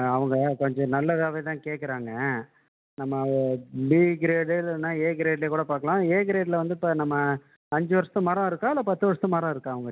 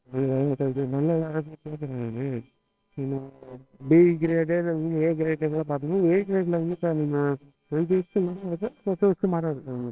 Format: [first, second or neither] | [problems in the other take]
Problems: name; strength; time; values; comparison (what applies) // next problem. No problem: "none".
first | noise reduction (neural separator model SepFormer WHAMR!)